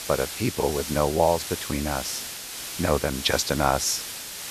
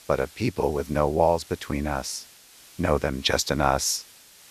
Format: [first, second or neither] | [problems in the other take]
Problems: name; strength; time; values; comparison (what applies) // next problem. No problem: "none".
second | hiss; loud; throughout; 7 dB below the speech; faint in the second